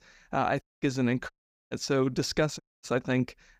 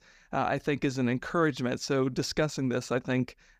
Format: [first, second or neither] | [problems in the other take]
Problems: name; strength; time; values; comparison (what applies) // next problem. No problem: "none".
second | audio cutting out; at 0.5 s, at 1.5 s and at 2.5 s